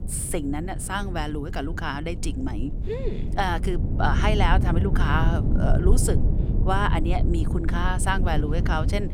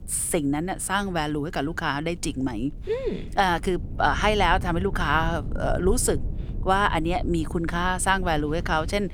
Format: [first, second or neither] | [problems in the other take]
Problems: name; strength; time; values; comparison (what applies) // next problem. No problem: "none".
second | low rumble; loud; throughout; 10 dB below the speech; faint in the second